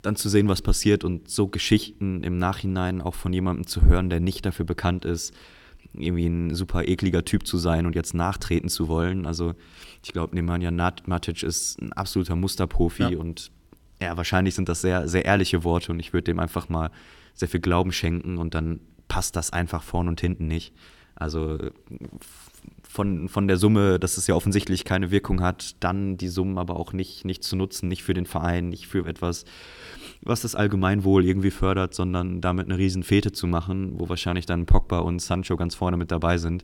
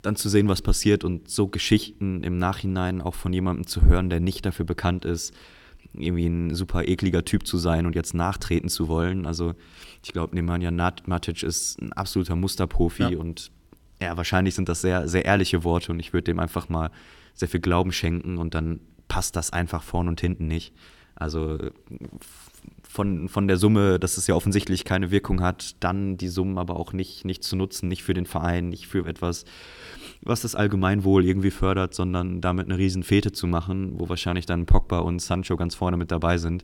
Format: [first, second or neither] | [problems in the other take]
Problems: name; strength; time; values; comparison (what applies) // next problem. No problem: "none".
neither | none